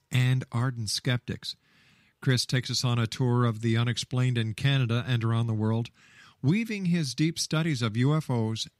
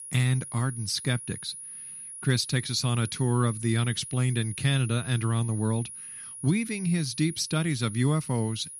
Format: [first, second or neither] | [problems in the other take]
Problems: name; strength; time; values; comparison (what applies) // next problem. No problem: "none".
first | high-pitched whine; noticeable; throughout; 10.5 kHz, 10 dB below the speech